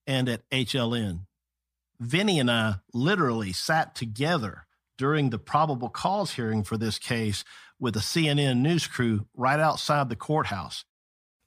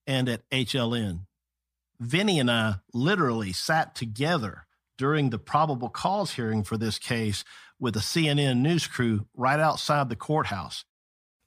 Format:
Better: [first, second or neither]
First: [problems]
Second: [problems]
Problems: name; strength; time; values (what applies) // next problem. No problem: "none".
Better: neither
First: none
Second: none